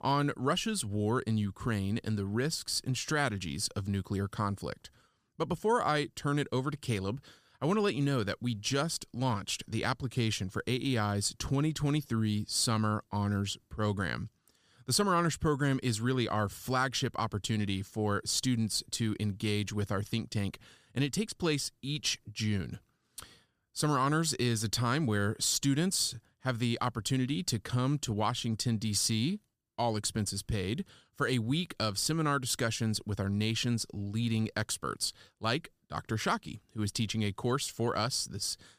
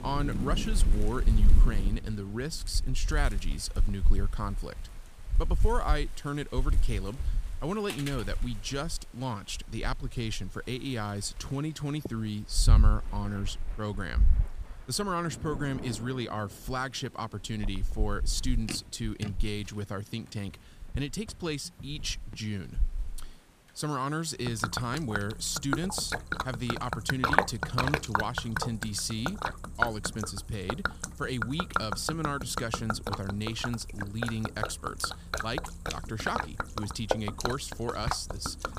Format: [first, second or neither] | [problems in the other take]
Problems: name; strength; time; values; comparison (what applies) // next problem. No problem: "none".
first | rain or running water; very loud; throughout; 1 dB above the speech